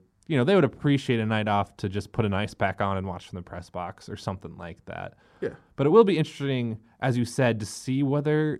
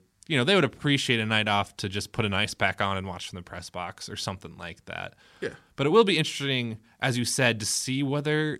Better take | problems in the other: second | muffled; slightly; fading above 1.5 kHz

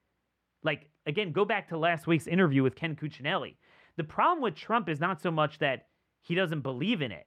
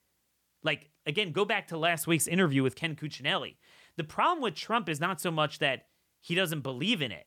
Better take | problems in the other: second | muffled; very; fading above 4 kHz

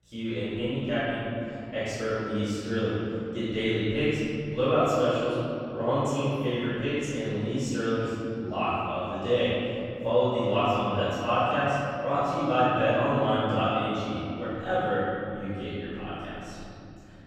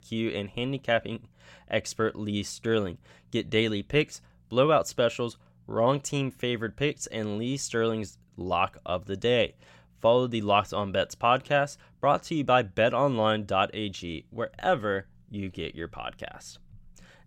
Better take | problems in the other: second | off-mic speech; far // room echo; strong; dies away in 3 s

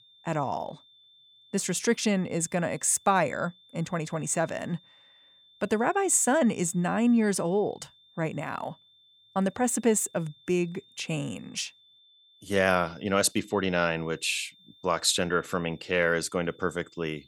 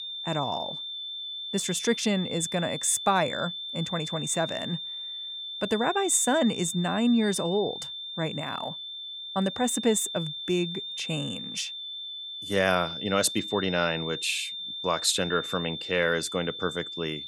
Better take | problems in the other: first | high-pitched whine; loud; throughout; 3.5 kHz, 6 dB below the speech; faint in the first

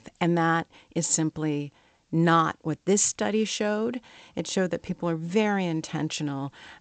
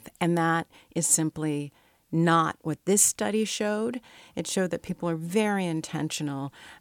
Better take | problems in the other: second | garbled, watery; slightly; nothing above 8 kHz

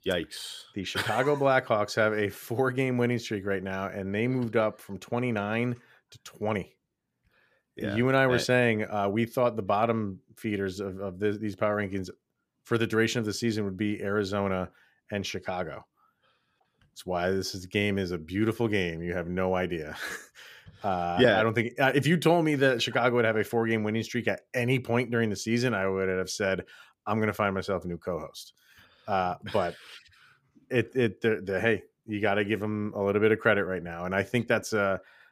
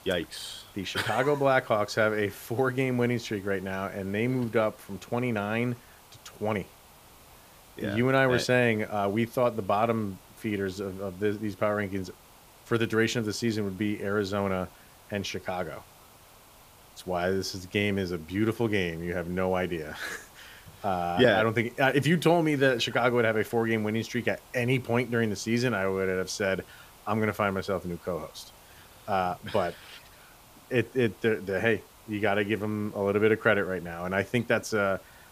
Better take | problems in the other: first | hiss; faint; throughout; 25 dB below the speech

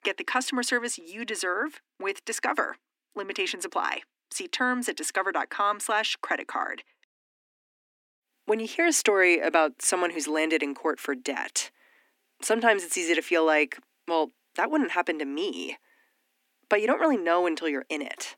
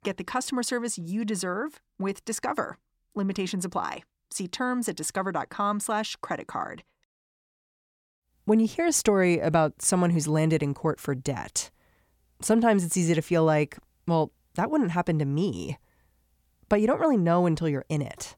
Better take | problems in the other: second | thin; somewhat; fading below 250 Hz

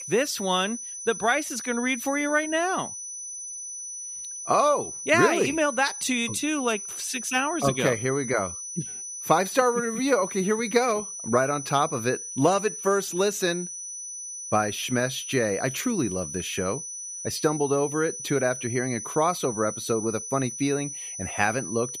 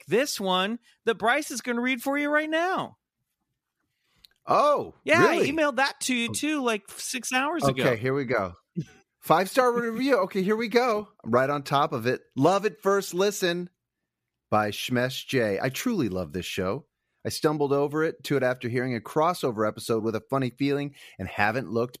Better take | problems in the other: second | high-pitched whine; loud; throughout; 6 kHz, 8 dB below the speech

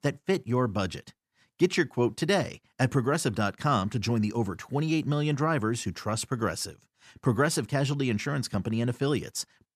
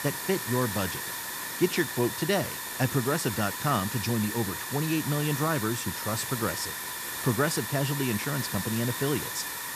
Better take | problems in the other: first | hiss; loud; throughout; 3 dB below the speech

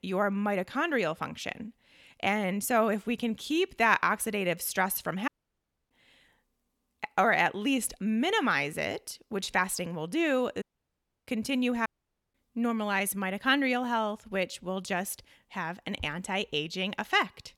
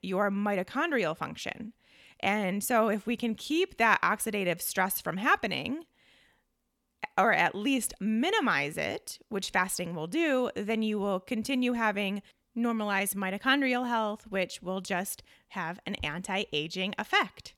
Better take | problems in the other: second | audio cutting out; at 5.5 s for 0.5 s, at 11 s for 0.5 s and at 12 s

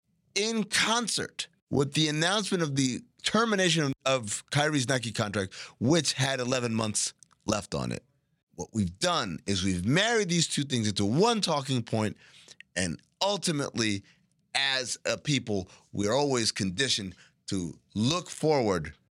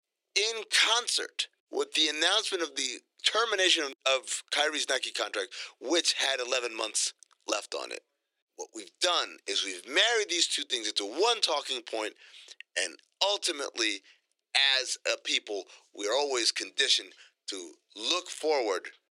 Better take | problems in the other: first | thin; very; fading below 350 Hz

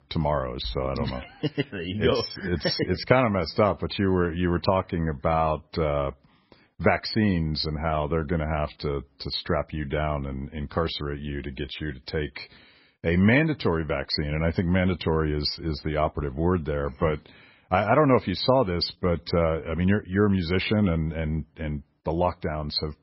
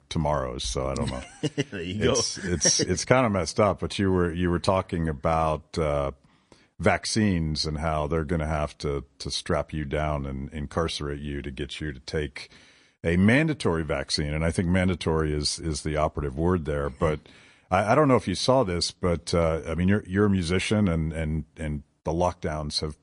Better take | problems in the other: second | garbled, watery; badly; nothing above 5.5 kHz; slightly in the second

